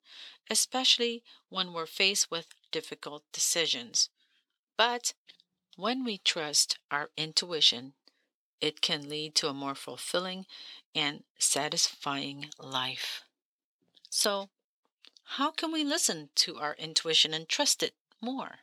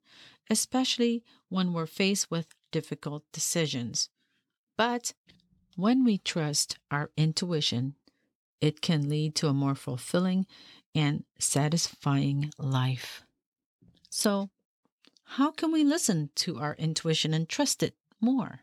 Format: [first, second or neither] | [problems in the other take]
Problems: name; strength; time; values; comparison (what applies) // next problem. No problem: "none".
second | thin; somewhat; fading below 450 Hz